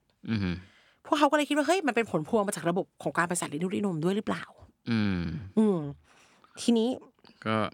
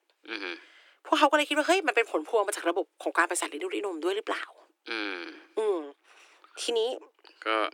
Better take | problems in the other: first | thin; very; fading below 300 Hz

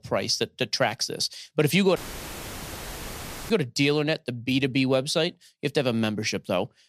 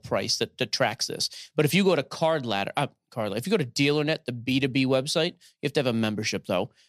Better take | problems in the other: second | audio cutting out; filled with static; at 2 s for 1.5 s

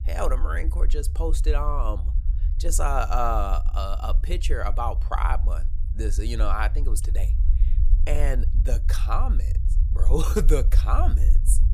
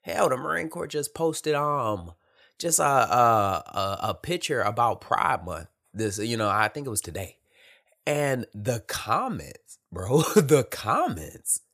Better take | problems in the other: second | low rumble; noticeable; throughout; 15 dB below the speech

